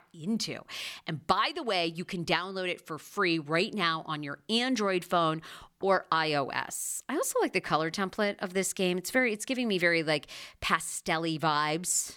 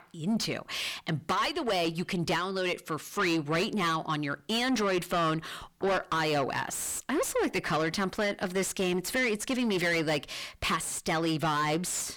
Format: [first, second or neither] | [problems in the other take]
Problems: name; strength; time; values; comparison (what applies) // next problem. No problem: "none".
first | distortion; heavy; 6 dB below the speech